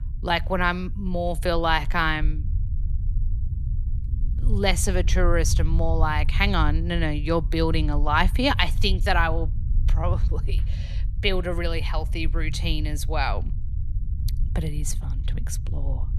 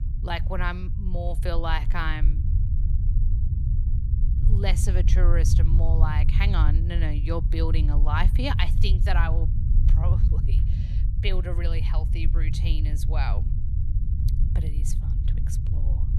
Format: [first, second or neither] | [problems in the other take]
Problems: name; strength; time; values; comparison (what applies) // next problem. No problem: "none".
first | low rumble; loud; throughout; 9 dB below the speech; faint in the first